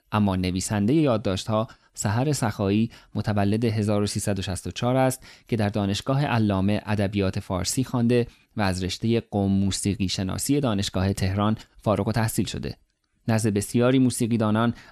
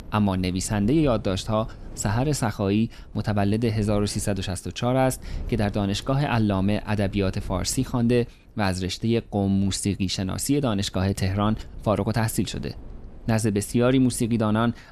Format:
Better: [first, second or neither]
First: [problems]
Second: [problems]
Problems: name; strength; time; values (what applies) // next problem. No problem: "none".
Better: first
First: none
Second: wind noise on the microphone; occasional gusts; 25 dB below the speech